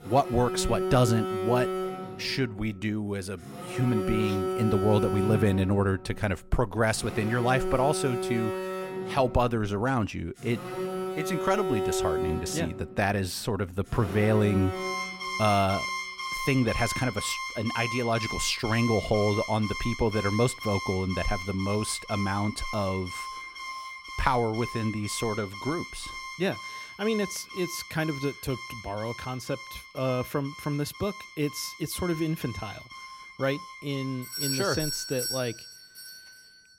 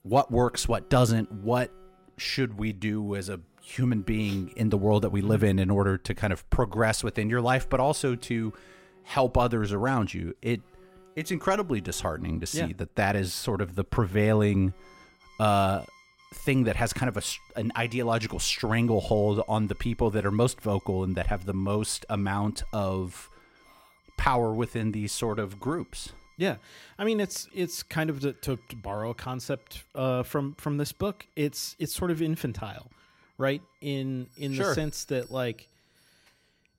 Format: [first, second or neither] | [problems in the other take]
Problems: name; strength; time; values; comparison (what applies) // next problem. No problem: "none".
second | alarms or sirens; loud; throughout; 6 dB below the speech; faint in the second